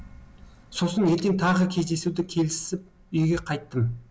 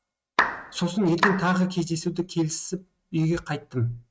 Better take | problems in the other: first | noise reduction (neural mask model RNNoise)

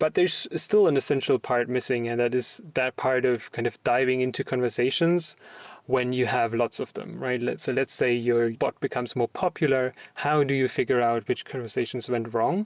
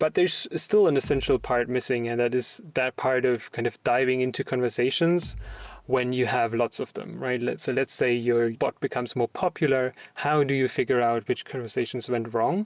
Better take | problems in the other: first | background sound (Bass drum); 18 dB below the speech

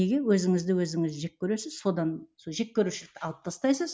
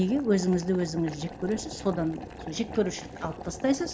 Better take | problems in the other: first | background sound (Boiling); 12 dB below the speech

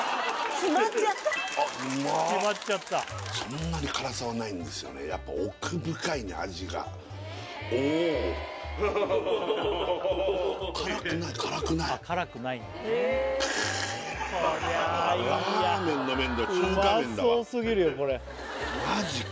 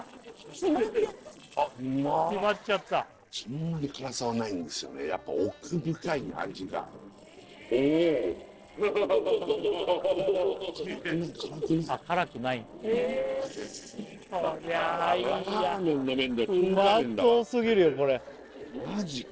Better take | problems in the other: first | noise reduction (neural separator model SepFormer DNS4)

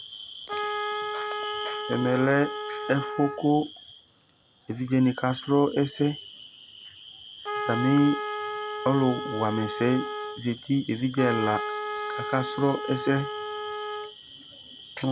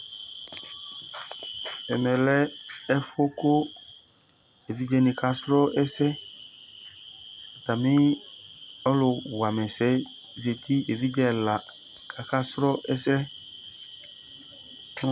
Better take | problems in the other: second | background sound (Trumpet); 5 dB below the speech

